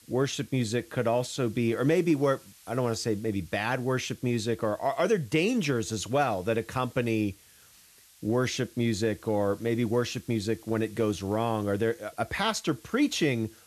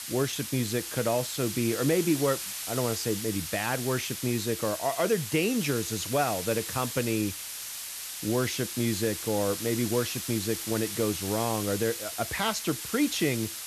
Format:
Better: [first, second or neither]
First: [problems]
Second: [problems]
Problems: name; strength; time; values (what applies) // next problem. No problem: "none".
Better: first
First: hiss; faint; throughout; 25 dB below the speech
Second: hiss; loud; throughout; 5 dB below the speech